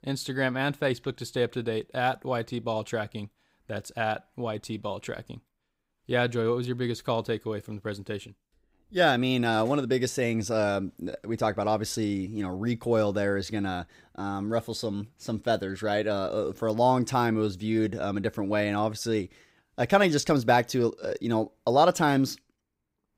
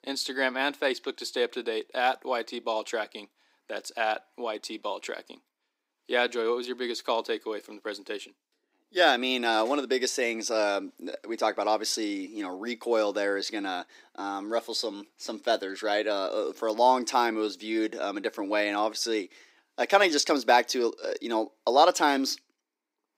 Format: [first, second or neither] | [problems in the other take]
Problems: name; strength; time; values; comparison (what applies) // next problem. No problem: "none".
first | thin; somewhat; fading below 250 Hz